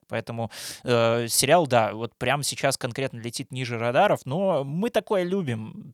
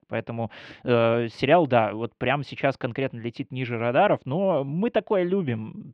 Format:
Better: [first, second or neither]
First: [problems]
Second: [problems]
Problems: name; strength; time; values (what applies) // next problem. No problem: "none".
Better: first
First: none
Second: muffled; very; fading above 3 kHz